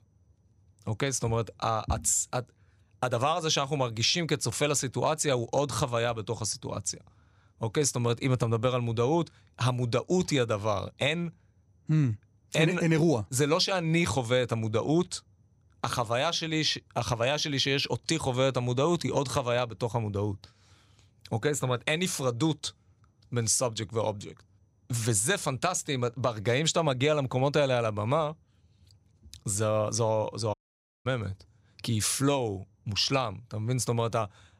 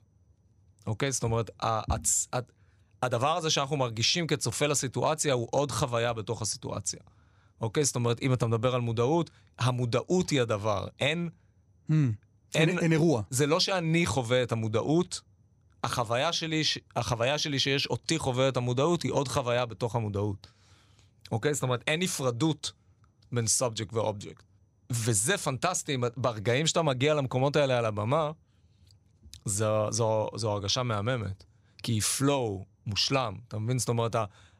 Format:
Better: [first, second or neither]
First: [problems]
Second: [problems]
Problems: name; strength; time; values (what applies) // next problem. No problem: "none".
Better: second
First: audio cutting out; at 31 s for 0.5 s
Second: none